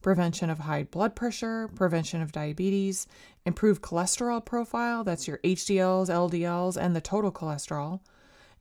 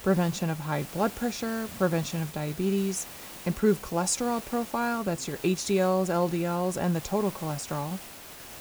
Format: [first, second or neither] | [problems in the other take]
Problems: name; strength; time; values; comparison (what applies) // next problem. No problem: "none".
first | hiss; noticeable; throughout; 15 dB below the speech